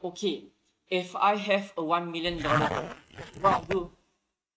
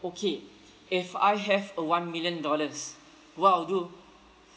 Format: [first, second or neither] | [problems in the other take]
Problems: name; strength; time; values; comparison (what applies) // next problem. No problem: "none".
second | noise reduction (neural mask model RNNoise)